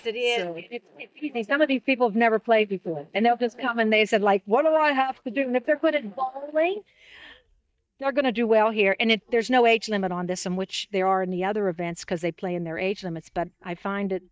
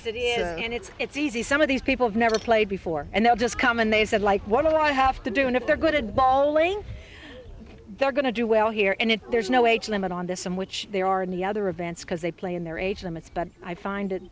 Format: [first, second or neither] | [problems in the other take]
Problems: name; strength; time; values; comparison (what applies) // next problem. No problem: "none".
second | noise reduction (neural mask model DeepFilterNet 3)